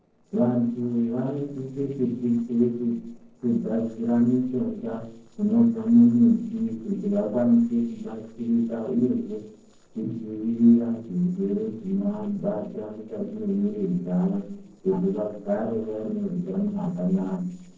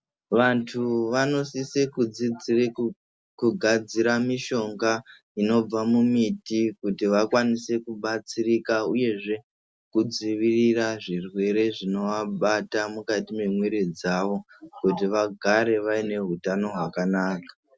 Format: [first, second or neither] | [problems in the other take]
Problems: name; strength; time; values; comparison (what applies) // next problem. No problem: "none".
second | noise reduction (neural separator model SepFormer DNS4)